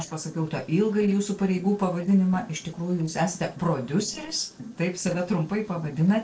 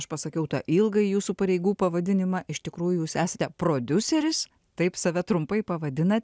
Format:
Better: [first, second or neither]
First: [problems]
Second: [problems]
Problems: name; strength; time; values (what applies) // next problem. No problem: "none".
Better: second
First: noise reduction (neural separator model SepFormer DNS4)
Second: none